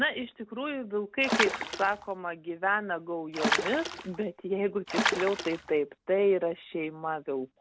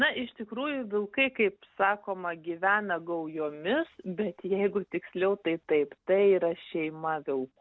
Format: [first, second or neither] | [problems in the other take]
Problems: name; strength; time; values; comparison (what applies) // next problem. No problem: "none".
second | background sound (Water / Splash, splatter); 1 dB below the speech